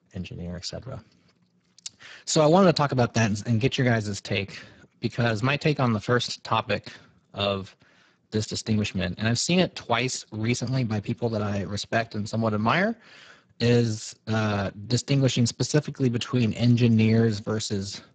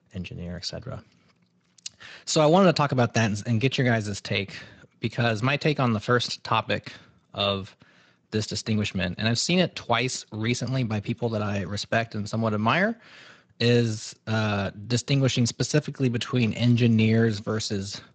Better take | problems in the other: second | garbled, watery; badly; nothing above 7.5 kHz; slightly in the second

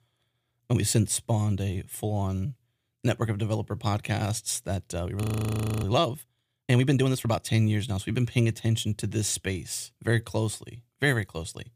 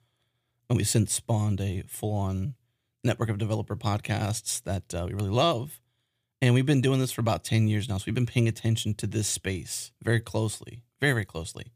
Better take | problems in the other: second | audio freezing; at 5 s for 0.5 s

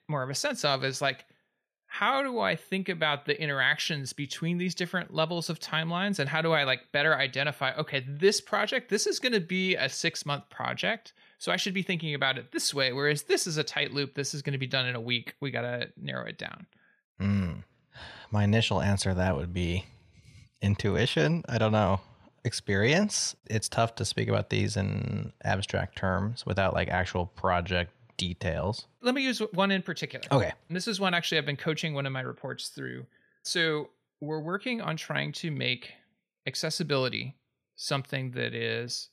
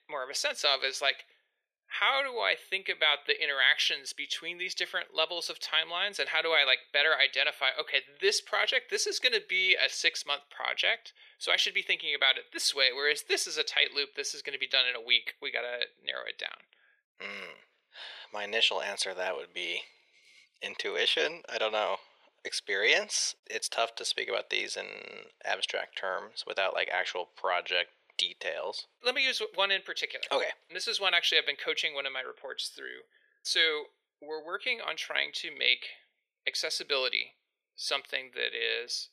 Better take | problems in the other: first | thin; very; fading below 450 Hz

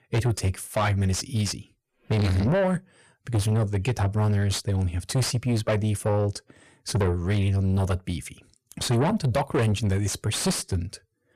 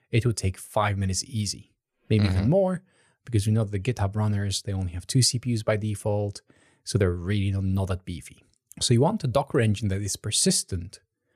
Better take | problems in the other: second | distortion; heavy; 7 dB below the speech

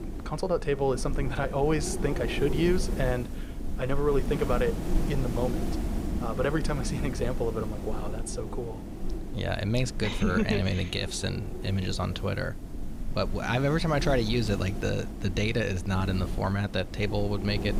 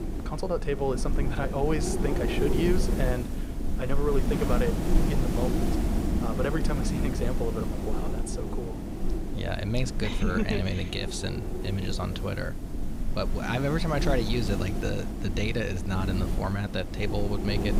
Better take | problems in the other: first | wind noise on the microphone; heavy; 5 dB below the speech; occasional gusts in the first

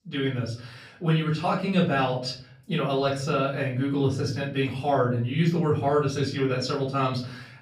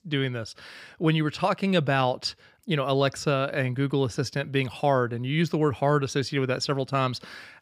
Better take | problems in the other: second | off-mic speech; far // room echo; slight; dies away in 0.5 s

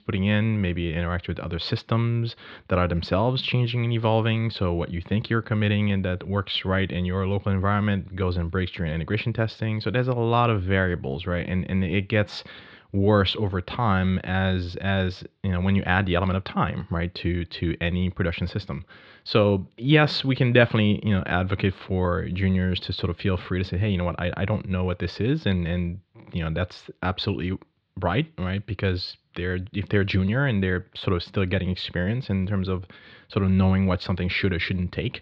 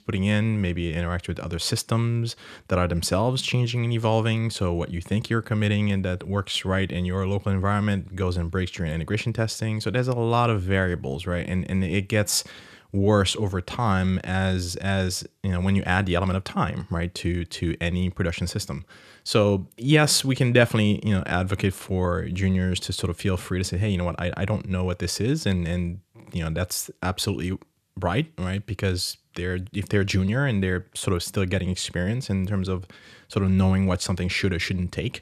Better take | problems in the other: second | muffled; slightly; fading above 4 kHz

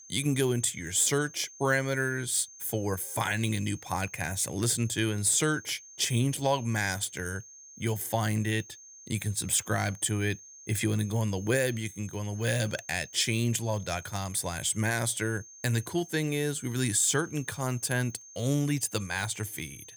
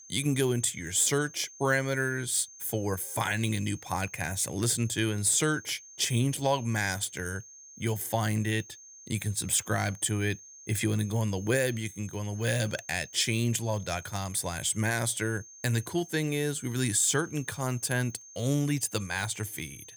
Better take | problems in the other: neither | high-pitched whine; noticeable; throughout; 6.5 kHz, 20 dB below the speech; the same in both

